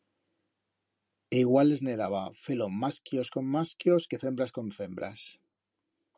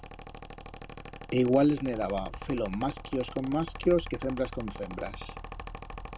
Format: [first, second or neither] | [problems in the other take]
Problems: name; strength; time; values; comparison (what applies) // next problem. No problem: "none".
first | background sound (Mechanical fan); 11 dB below the speech